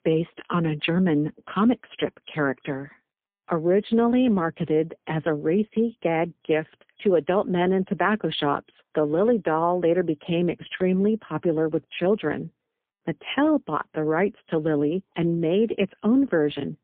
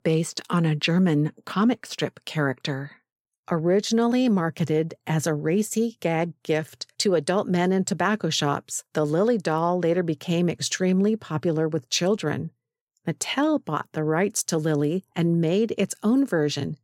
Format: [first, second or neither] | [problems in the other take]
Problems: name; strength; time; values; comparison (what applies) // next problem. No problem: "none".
second | phone-call audio; poor line